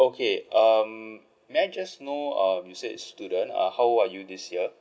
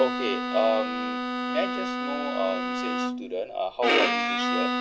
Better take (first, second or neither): first